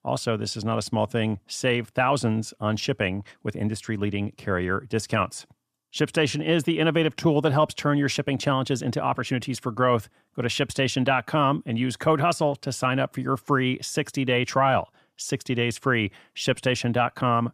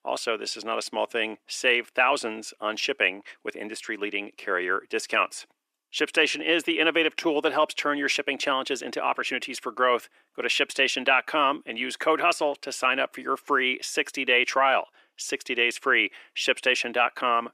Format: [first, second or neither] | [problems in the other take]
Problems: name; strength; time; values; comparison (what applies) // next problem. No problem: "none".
first | thin; somewhat; fading below 350 Hz